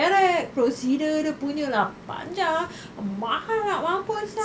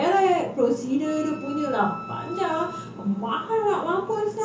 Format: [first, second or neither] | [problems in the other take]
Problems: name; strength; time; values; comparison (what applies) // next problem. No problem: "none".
first | background sound (Wind instrument, woodwind instrument); 13 dB below the speech // room echo; dies away in 0.8 s